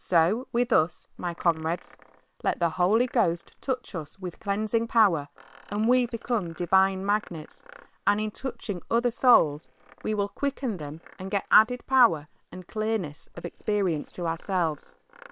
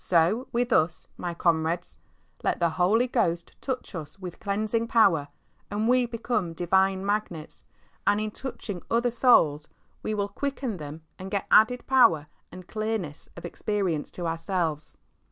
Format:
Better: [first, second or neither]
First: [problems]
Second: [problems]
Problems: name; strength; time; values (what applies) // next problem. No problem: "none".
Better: second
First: noise reduction (neural separator model SepFormer WHAM!)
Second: none